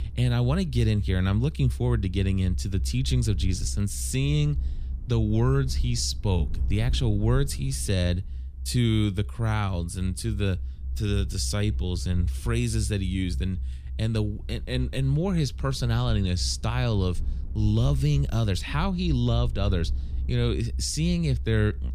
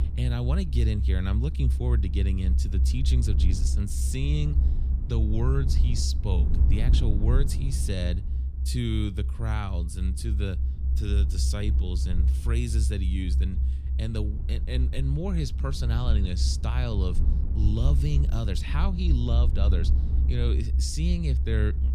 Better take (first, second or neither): first